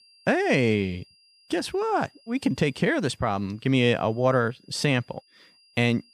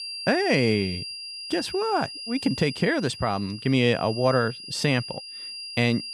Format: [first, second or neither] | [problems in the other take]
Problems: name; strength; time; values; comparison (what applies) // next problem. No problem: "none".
first | high-pitched whine; loud; throughout; 5 kHz, 9 dB below the speech; faint in the first